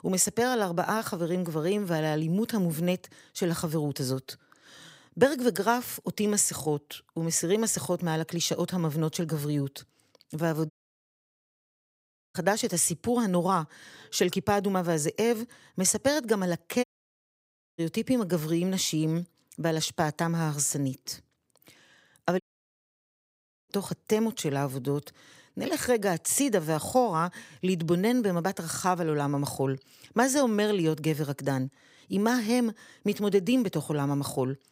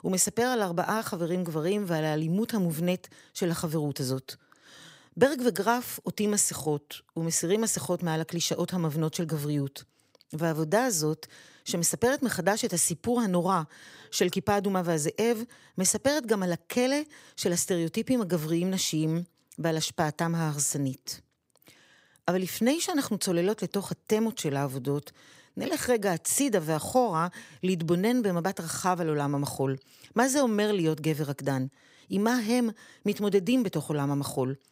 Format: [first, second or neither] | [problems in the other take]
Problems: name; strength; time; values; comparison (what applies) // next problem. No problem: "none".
second | audio cutting out; at 11 s for 1.5 s, at 17 s for 1 s and at 22 s for 1.5 s